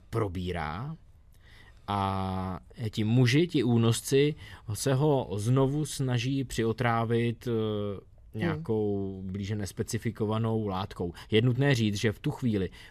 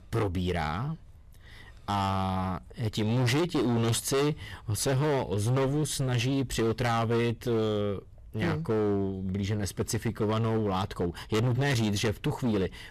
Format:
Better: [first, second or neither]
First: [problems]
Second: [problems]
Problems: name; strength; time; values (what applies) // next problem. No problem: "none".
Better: first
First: none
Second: distortion; heavy; 22% of the sound clipped